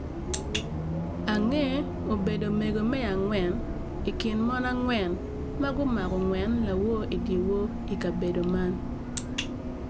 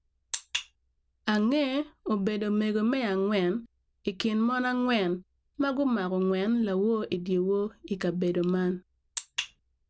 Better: second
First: background sound (Bus); 3 dB below the speech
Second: none

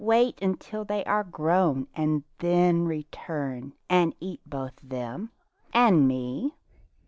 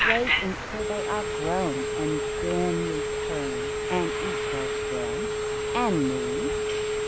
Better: first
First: none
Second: background sound (Telephone); 3 dB above the speech

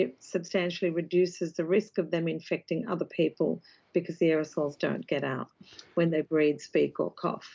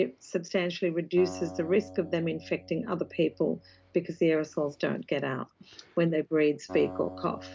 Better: first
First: none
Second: background sound (Acoustic guitar); 17 dB below the speech

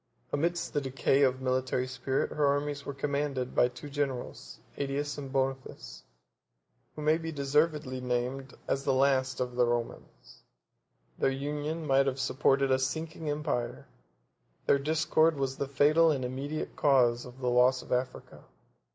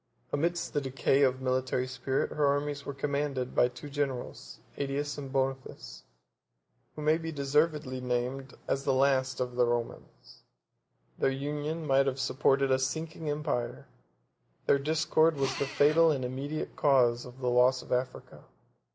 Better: first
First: none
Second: background sound (Drill); 15 dB below the speech

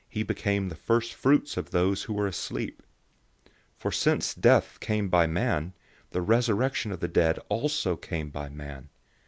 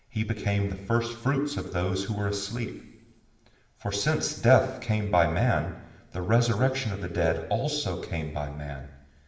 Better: first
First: none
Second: room echo; dies away in 1 s

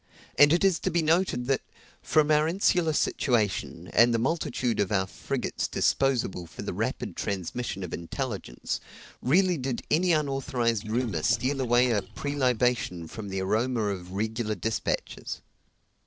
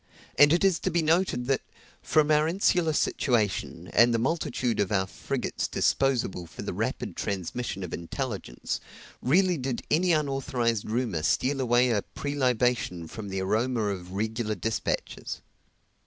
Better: second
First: noise reduction (neural separator model SepFormer DNS4)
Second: none

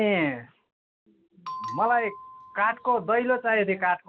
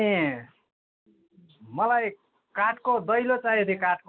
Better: second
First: background sound (Bell); 14 dB below the speech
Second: none

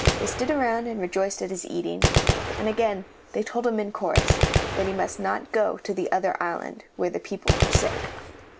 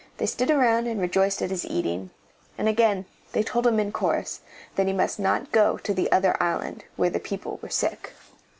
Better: second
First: background sound (Gunshot, gunfire); as loud as the speech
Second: none

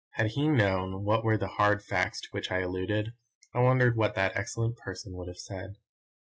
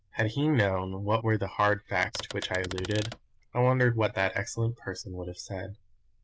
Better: first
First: none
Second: noise reduction (neural diffusion model UNIVERSE++)

